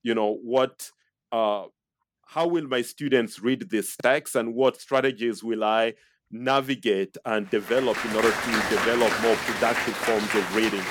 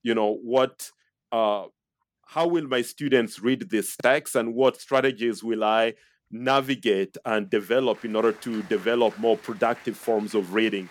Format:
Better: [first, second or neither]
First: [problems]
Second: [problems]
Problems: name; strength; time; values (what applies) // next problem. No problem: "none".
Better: second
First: crowd noise; loud; from 8 s on; 1 dB below the speech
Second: crowd noise; faint; from 8 s on; 20 dB below the speech